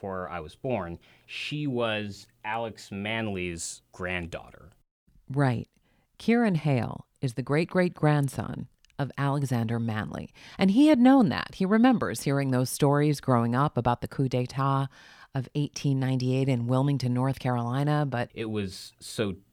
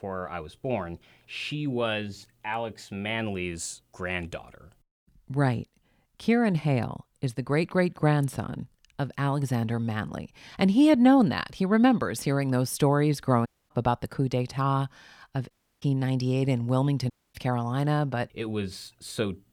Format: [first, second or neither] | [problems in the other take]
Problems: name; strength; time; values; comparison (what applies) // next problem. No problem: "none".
first | audio cutting out; at 13 s, at 16 s and at 17 s